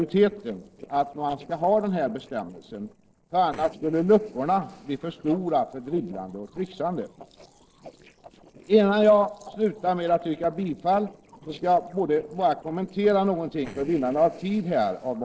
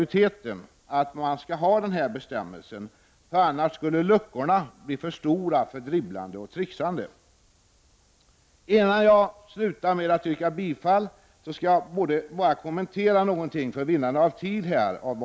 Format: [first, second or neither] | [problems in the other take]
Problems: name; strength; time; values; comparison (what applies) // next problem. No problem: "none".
second | noise reduction (neural separator model SepFormer DNS4)